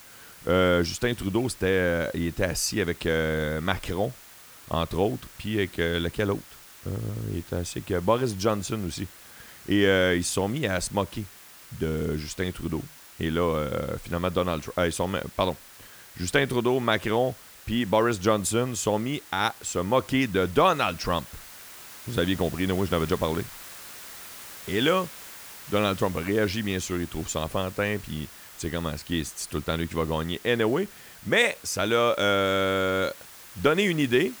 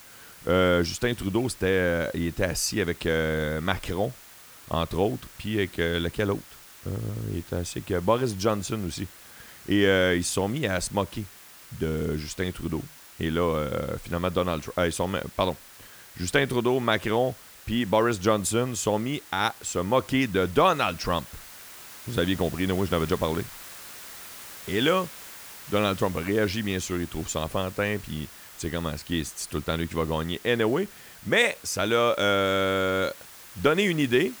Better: neither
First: hiss; noticeable; throughout; 20 dB below the speech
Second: hiss; noticeable; throughout; 20 dB below the speech

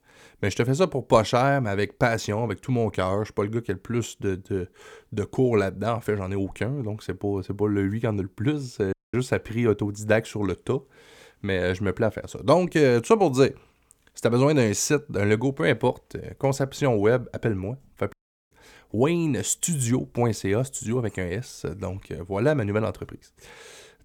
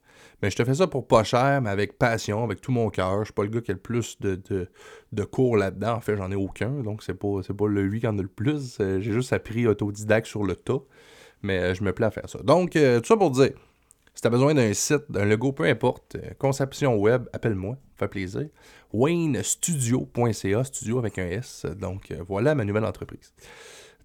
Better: second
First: audio cutting out; at 9 s and at 18 s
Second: none

